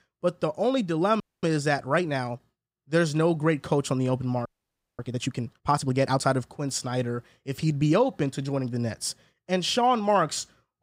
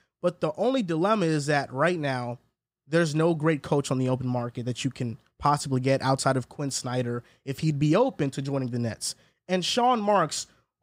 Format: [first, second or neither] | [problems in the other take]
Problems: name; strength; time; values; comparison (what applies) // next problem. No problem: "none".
second | audio freezing; at 1 s and at 4.5 s for 0.5 s